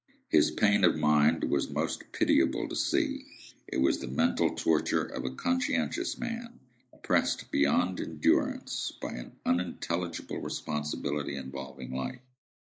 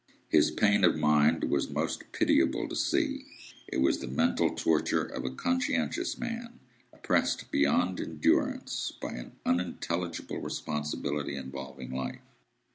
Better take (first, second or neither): second